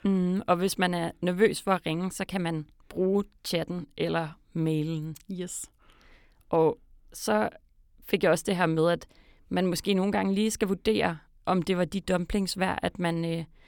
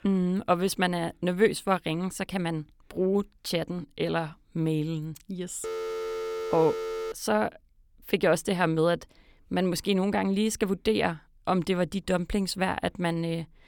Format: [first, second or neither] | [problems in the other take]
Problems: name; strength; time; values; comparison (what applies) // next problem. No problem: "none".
first | phone ringing; noticeable; from 5.5 to 7 s; peak 5 dB below the speech